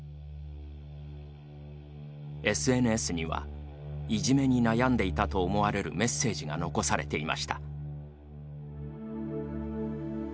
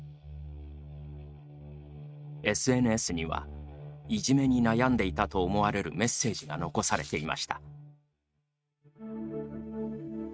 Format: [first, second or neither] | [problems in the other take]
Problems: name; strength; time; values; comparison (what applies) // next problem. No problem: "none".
first | noise reduction (neural mask model RNNoise)